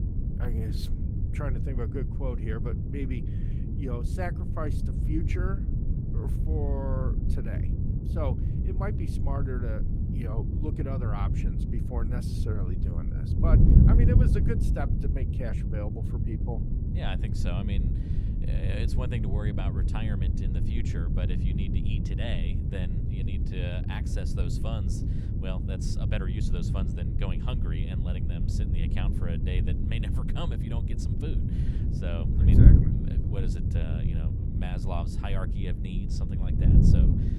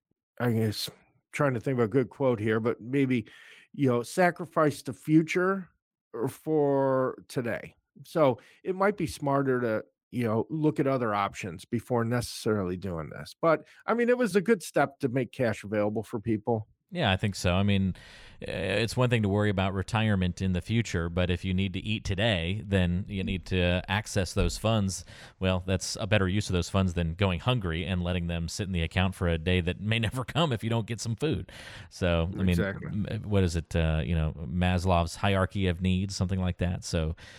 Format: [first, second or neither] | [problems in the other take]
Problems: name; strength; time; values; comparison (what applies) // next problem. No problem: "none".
second | wind noise on the microphone; heavy; as loud as the speech